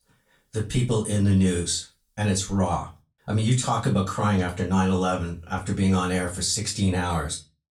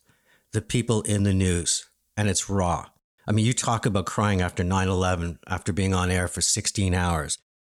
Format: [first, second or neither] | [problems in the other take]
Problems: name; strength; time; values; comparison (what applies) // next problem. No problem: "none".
second | off-mic speech; far // room echo; very slight; dies away in 0.2 s